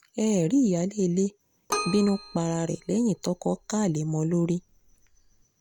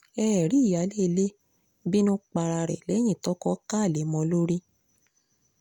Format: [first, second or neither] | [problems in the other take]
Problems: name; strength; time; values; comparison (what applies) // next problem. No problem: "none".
second | background sound (Keyboard (musical)); 13 dB below the speech